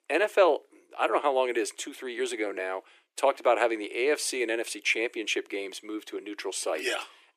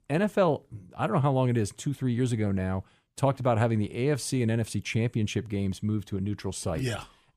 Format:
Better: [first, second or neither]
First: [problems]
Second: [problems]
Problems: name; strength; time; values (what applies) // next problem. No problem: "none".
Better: second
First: thin; very; fading below 350 Hz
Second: none